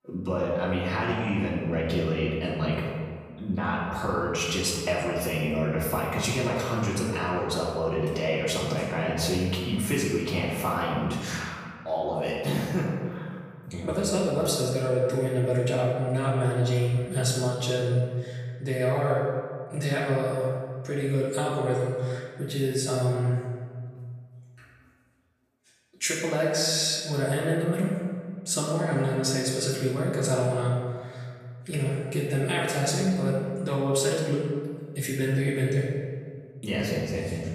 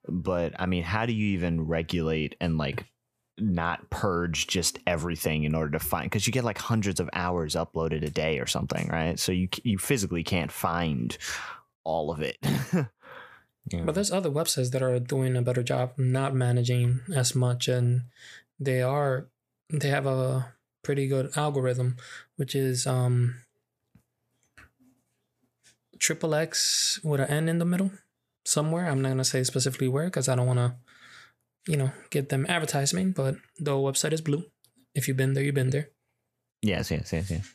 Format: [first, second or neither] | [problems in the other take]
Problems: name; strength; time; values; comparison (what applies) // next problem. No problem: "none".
second | room echo; noticeable; dies away in 1.5 s // off-mic speech; far